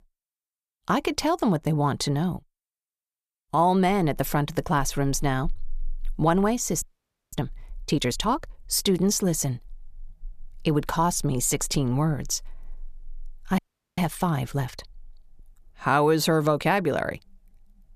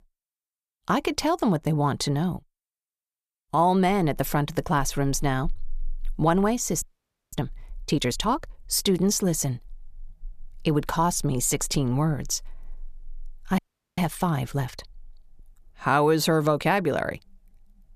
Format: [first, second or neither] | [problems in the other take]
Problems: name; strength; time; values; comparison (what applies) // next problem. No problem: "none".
neither | audio freezing; at 7 s for 0.5 s and at 14 s; the same in both